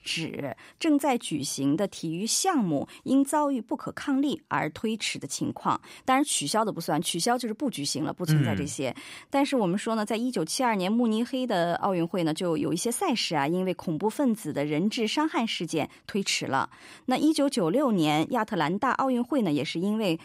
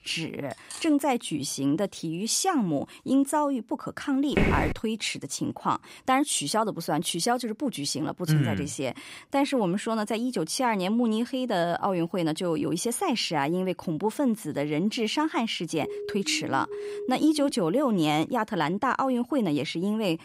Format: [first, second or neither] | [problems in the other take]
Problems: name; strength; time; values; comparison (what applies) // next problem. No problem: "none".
first | clattering dishes; faint; at 0.5 s; peak 15 dB below the speech // footsteps; loud; at 4.5 s; peak 2 dB above the speech // siren; noticeable; from 16 to 18 s; peak 8 dB below the speech